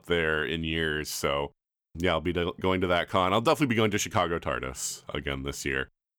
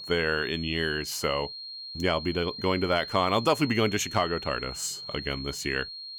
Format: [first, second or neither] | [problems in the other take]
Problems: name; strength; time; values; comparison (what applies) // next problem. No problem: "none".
first | high-pitched whine; loud; throughout; 4 kHz, 9 dB below the speech